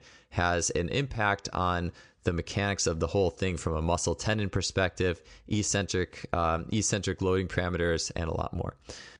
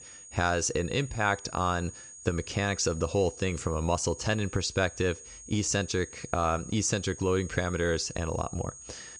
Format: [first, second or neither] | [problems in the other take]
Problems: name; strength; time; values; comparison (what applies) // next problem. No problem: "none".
first | high-pitched whine; noticeable; throughout; 6.5 kHz, 15 dB below the speech